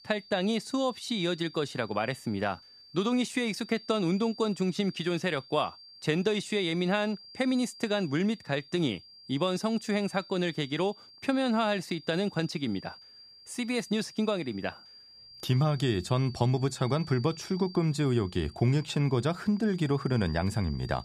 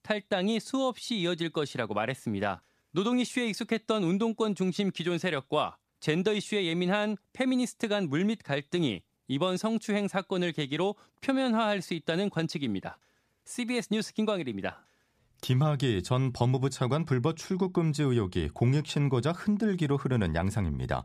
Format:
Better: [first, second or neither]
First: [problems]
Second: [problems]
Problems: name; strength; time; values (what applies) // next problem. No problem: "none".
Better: second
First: high-pitched whine; noticeable; throughout; 4.5 kHz, 20 dB below the speech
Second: none